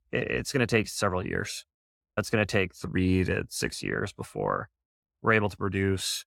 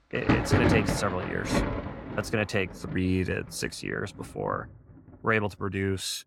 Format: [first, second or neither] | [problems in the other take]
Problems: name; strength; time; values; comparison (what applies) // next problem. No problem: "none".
first | rain or running water; very loud; throughout; 2 dB above the speech